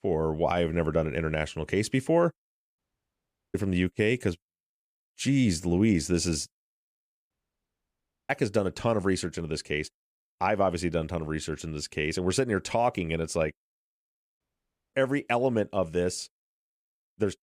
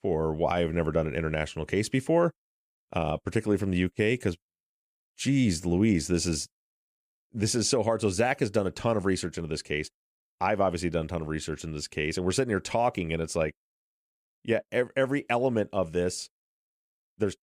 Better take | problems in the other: second | audio cutting out; at 3 s for 1 s, at 7.5 s for 1 s and at 14 s for 0.5 s

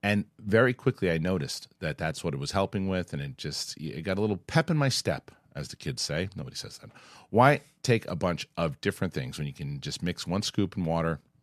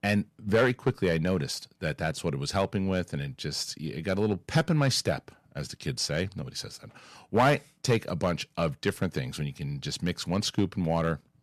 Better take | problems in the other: first | distortion; slight; 1.3% of the sound clipped

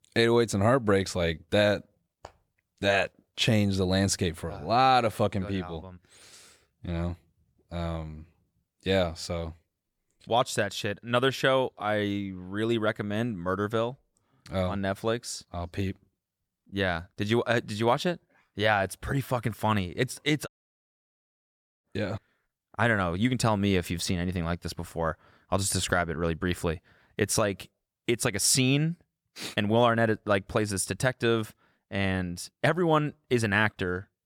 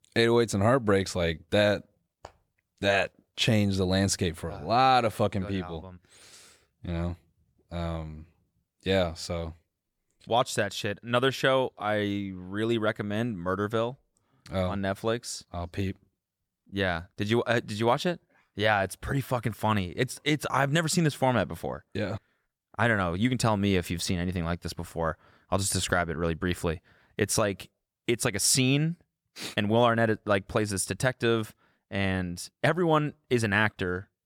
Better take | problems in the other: second | audio cutting out; at 20 s for 1.5 s

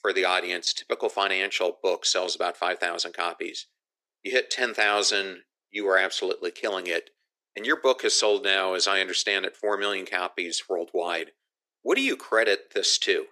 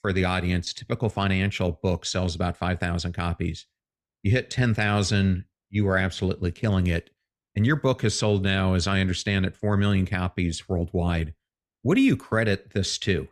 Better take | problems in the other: second | thin; very; fading below 350 Hz

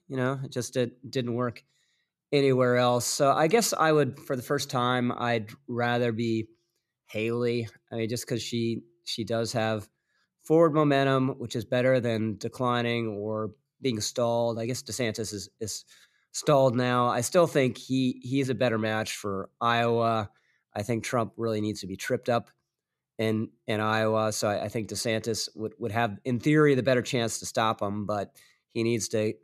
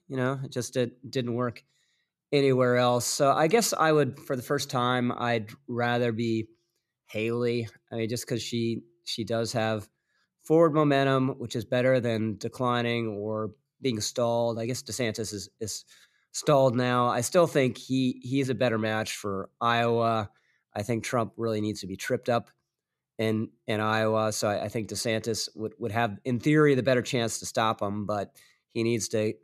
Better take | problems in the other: neither | none

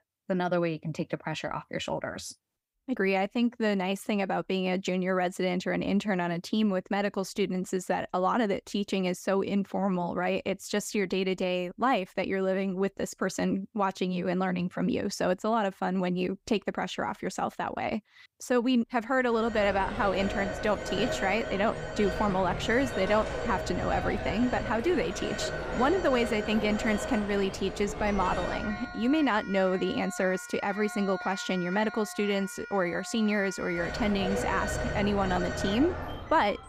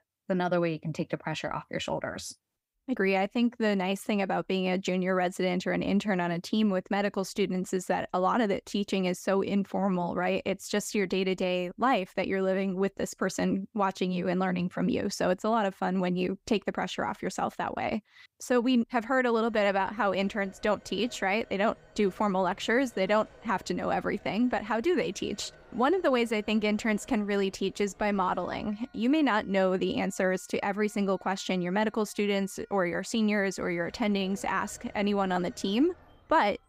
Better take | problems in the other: second | alarms or sirens; loud; from 19 s on; 7 dB below the speech; faint in the second

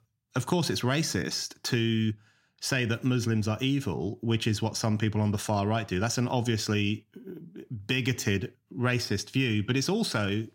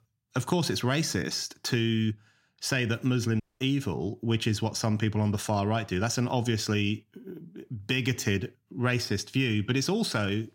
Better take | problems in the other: first | audio cutting out; at 3.5 s

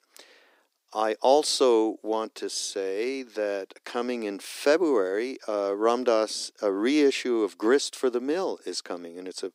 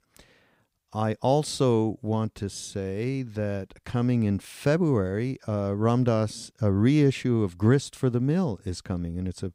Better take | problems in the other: second | thin; somewhat; fading below 300 Hz

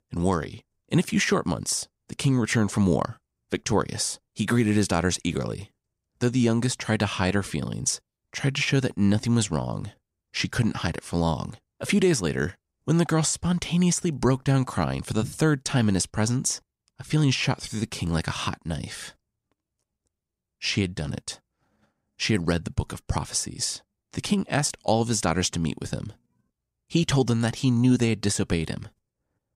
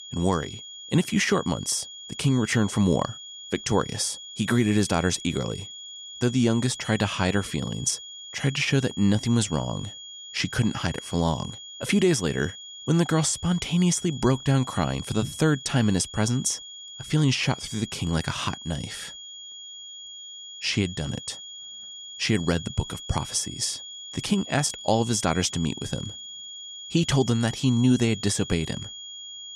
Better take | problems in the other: first | high-pitched whine; noticeable; throughout; 3.5 kHz, 15 dB below the speech

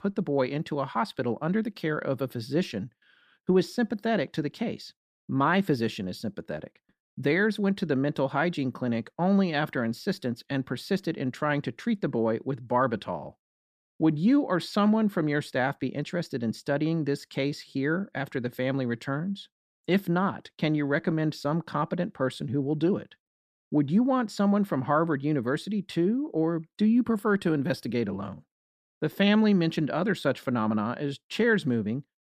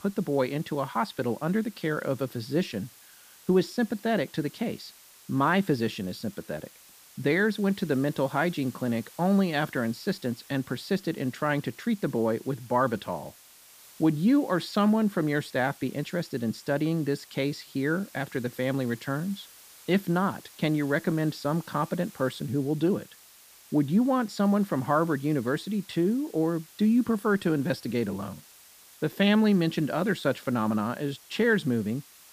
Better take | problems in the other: first | hiss; faint; throughout; 20 dB below the speech

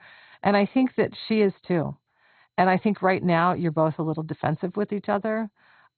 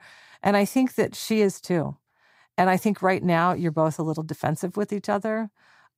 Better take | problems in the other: second | garbled, watery; badly; nothing above 4 kHz

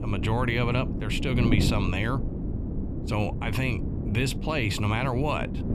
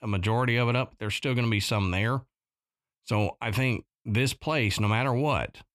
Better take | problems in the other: second | wind noise on the microphone; heavy; 9 dB below the speech

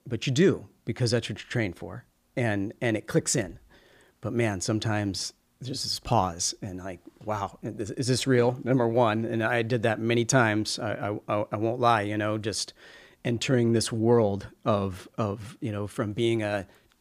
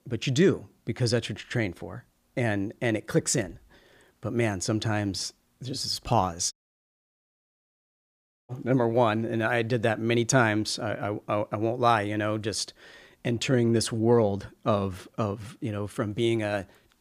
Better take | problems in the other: first | audio cutting out; at 6.5 s for 2 s

